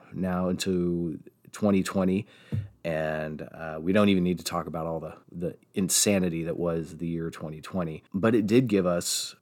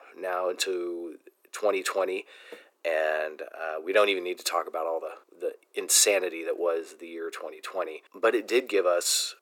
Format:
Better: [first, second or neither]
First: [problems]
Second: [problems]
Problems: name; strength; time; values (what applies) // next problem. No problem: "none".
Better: first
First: none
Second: thin; very; fading below 400 Hz